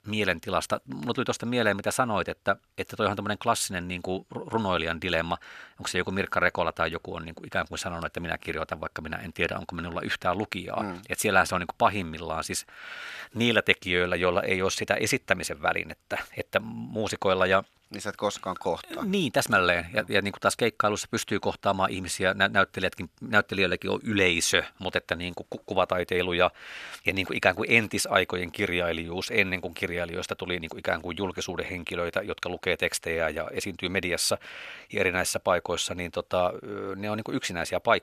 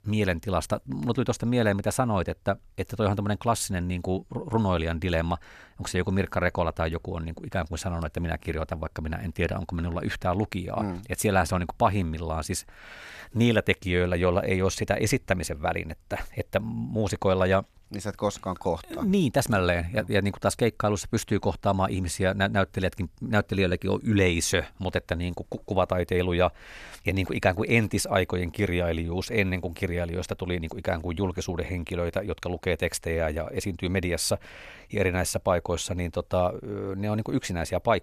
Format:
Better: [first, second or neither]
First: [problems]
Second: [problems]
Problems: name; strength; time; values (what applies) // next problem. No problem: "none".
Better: second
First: thin; very slightly; fading below 600 Hz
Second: none